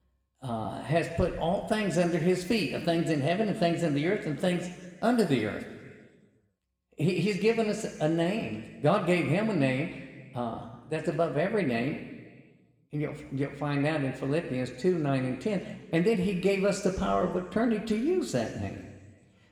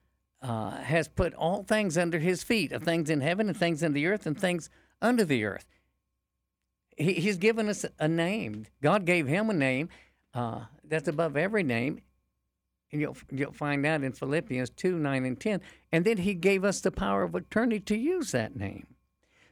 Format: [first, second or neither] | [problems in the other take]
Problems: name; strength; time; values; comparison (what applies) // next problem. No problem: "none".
second | room echo; slight; dies away in 1.4 s